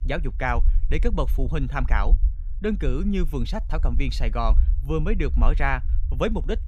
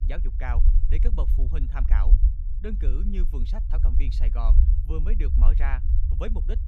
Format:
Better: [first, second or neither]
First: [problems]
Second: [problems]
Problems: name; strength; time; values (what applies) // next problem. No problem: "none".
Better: first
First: low rumble; faint; throughout; 20 dB below the speech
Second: low rumble; loud; throughout; 6 dB below the speech